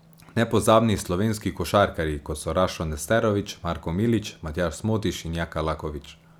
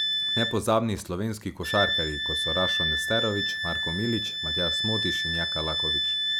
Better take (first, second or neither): first